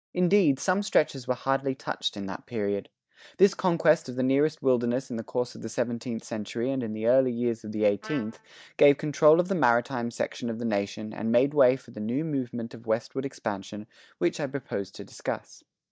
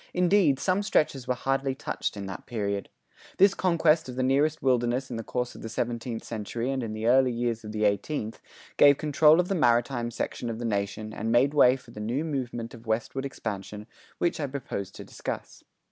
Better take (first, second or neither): second